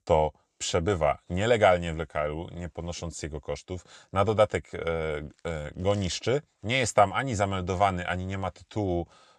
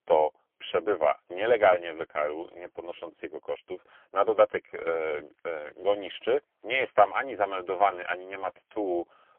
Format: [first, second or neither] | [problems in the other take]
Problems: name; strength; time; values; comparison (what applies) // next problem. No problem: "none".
first | phone-call audio; poor line; nothing above 3.5 kHz